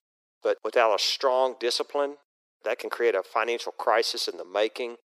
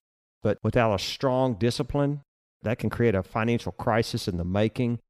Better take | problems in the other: second | thin; very; fading below 350 Hz

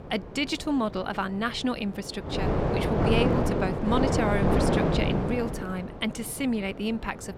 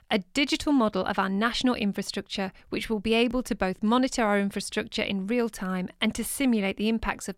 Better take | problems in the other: second | wind noise on the microphone; heavy; 2 dB above the speech

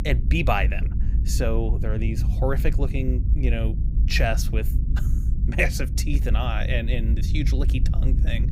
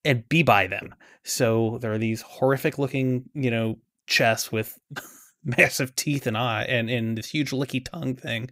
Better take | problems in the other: second | low rumble; noticeable; throughout; 10 dB below the speech

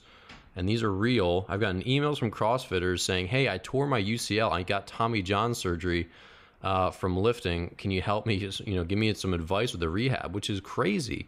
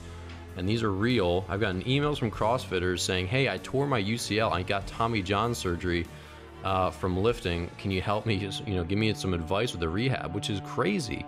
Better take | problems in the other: first | background music; noticeable; throughout; 15 dB below the speech

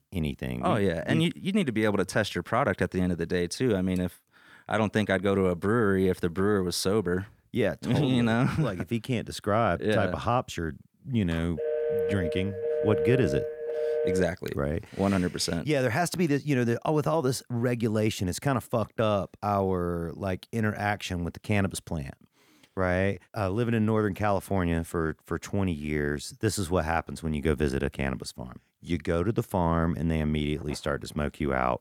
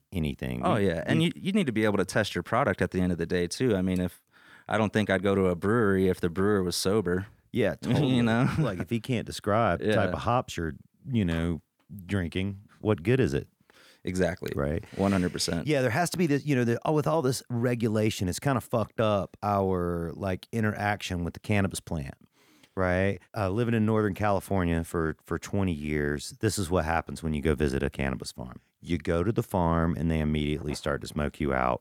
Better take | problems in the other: second | phone ringing; loud; from 12 to 14 s; peak level with the speech

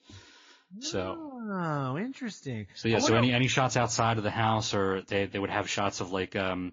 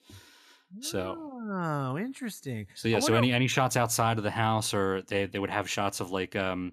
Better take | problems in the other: second | garbled, watery; slightly; nothing above 6.5 kHz

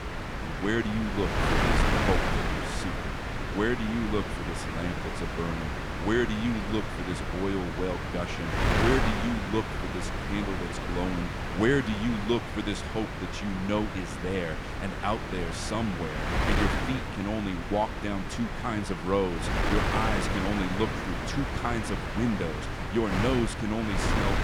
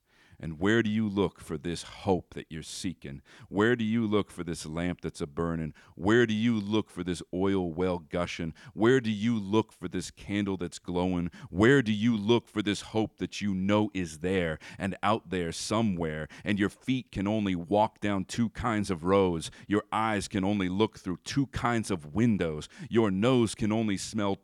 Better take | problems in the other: second | wind noise on the microphone; heavy; 1 dB above the speech

